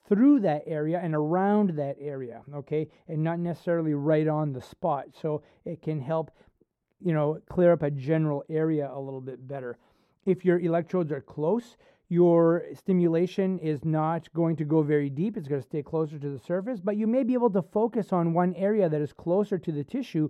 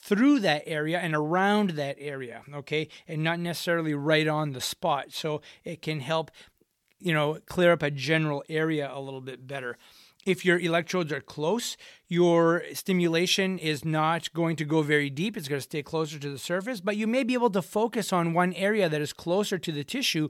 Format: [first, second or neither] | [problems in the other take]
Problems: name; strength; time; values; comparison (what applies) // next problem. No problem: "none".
second | muffled; very; fading above 1.5 kHz